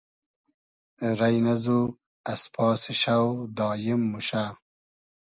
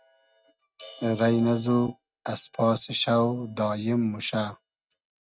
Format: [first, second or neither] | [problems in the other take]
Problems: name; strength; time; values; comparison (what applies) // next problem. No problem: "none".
first | noise reduction (neural mask model RNNoise)